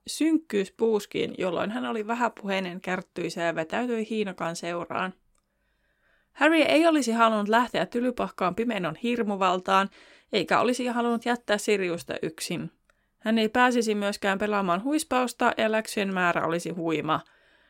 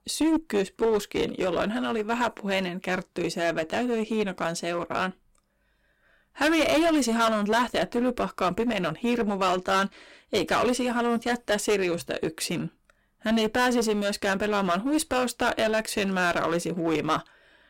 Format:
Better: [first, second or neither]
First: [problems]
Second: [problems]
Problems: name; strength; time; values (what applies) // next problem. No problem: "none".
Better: first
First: none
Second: distortion; heavy; 11% of the sound clipped